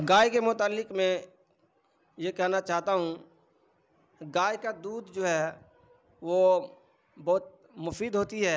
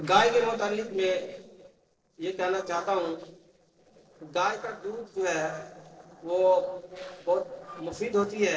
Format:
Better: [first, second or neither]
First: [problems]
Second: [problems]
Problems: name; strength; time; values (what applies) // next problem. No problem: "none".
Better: first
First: none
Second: noise reduction (neural separator model SepFormer DNS4)